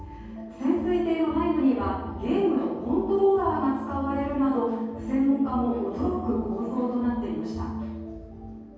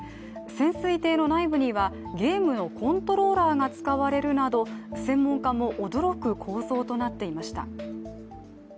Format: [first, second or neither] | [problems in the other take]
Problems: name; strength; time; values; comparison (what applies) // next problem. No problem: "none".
second | room echo; dies away in 1.3 s